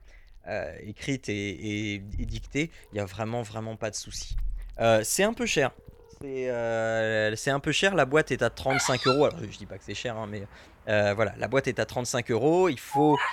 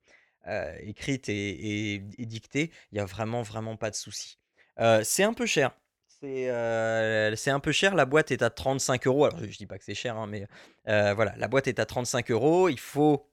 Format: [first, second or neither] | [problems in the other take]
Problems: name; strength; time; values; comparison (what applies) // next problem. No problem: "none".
second | animal sounds; loud; throughout; 5 dB below the speech